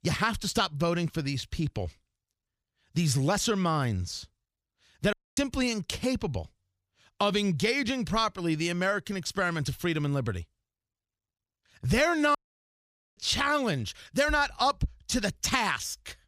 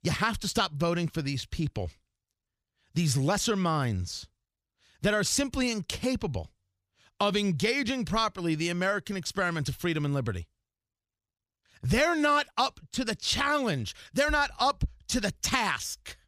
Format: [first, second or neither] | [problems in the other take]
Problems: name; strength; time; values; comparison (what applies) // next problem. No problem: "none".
second | audio cutting out; at 5 s and at 12 s for 1 s